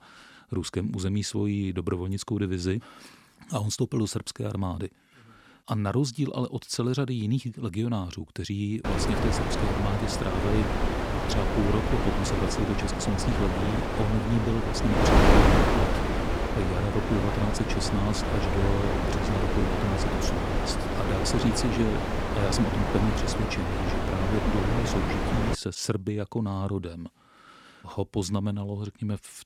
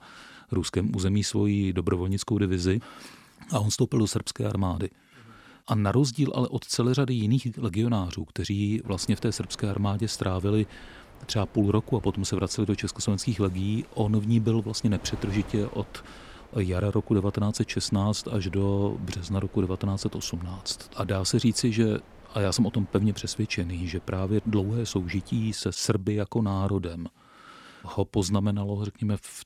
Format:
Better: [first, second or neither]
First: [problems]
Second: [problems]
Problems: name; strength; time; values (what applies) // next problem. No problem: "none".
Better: second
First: wind noise on the microphone; heavy; from 9 to 26 s; 5 dB above the speech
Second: wind noise on the microphone; occasional gusts; from 9 to 26 s; 20 dB below the speech